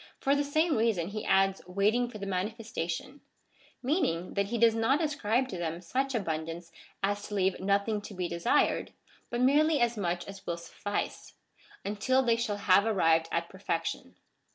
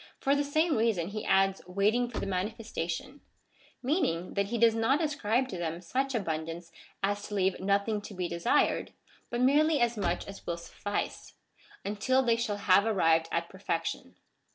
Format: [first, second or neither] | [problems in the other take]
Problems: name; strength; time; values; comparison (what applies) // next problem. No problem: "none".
first | background sound (Slam); 12 dB below the speech